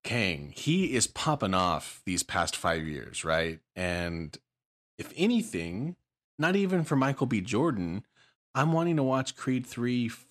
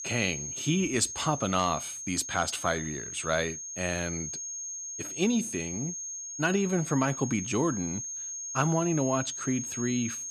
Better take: first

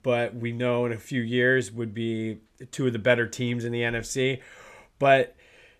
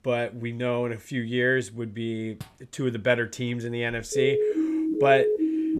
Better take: first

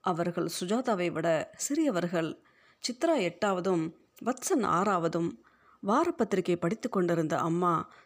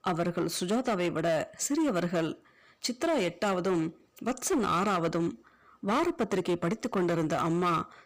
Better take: first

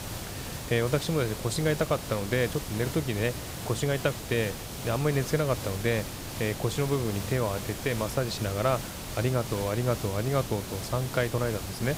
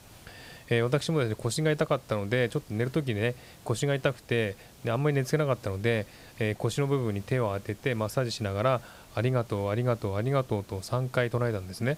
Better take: second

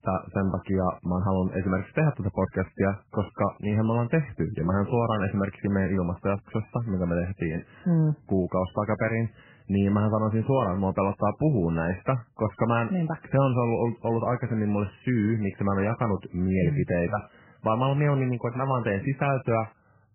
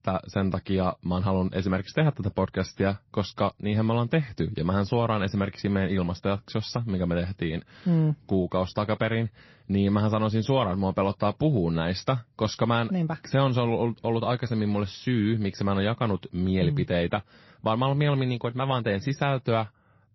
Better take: second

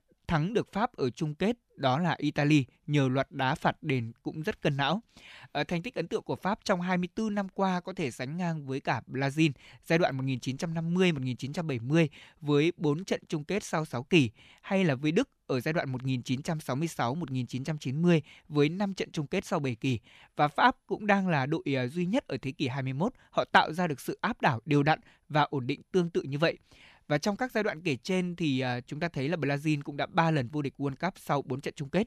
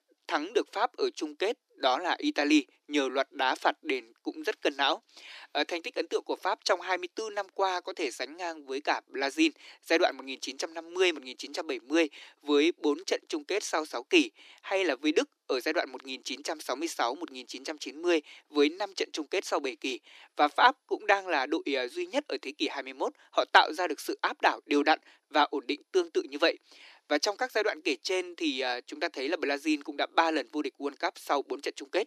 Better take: first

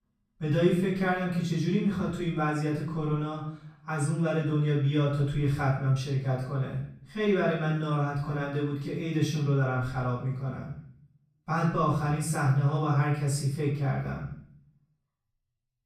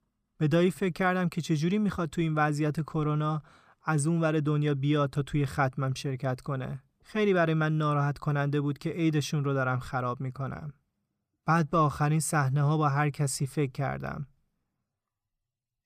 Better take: second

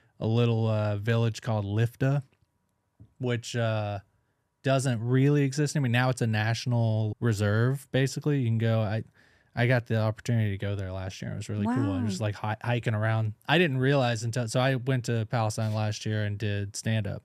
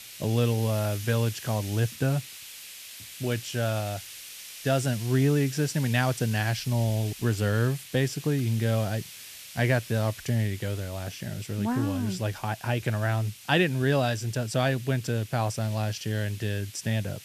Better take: first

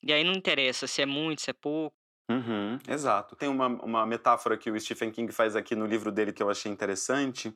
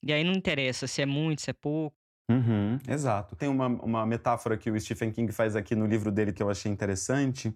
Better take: second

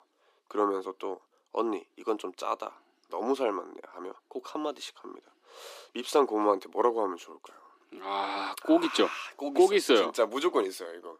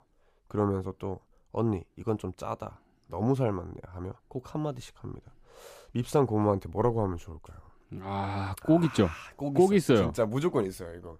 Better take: second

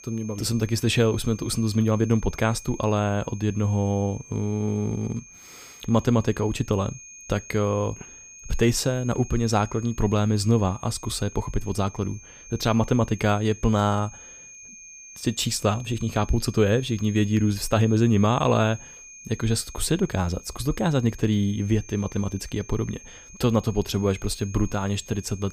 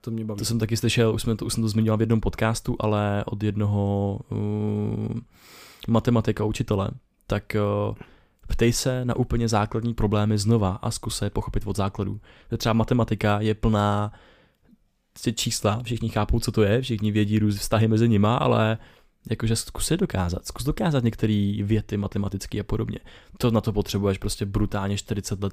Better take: second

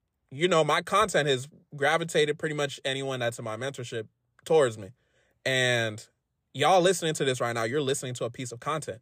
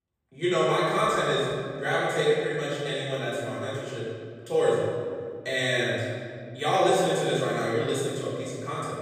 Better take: first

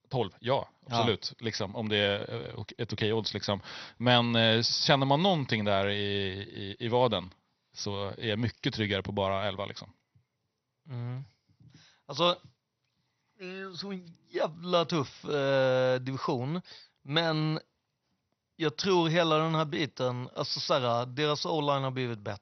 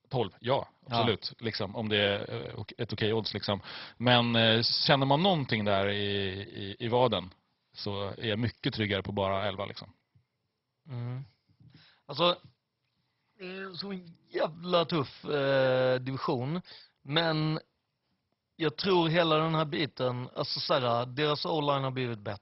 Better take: first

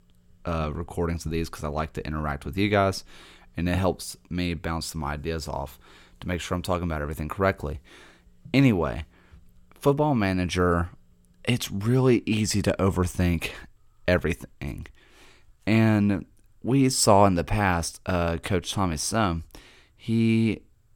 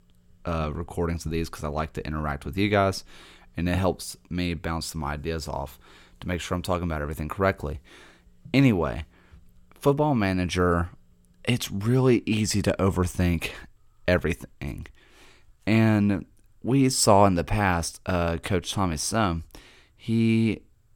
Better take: neither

